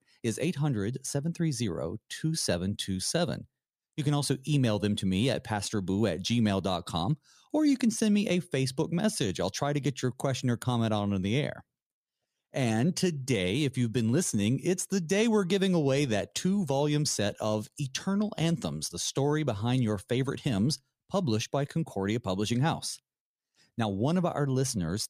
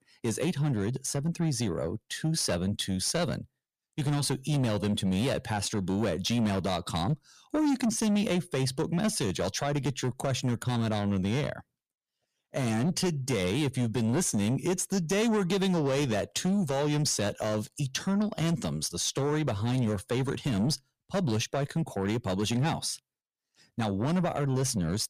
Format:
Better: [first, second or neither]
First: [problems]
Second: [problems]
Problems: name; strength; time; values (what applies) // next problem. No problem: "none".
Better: first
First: none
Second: distortion; slight; 10 dB below the speech